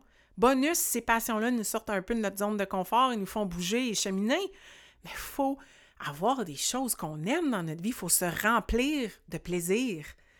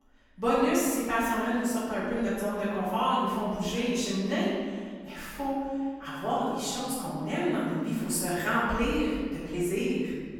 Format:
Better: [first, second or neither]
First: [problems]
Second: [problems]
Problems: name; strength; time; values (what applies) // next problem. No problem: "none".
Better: first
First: none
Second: off-mic speech; far // room echo; strong; dies away in 1.9 s